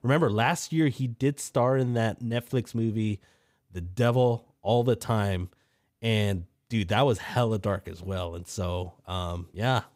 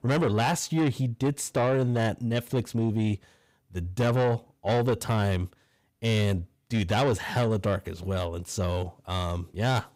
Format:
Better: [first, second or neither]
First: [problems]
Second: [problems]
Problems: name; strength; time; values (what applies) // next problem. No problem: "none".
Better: first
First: none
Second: distortion; slight; 10 dB below the speech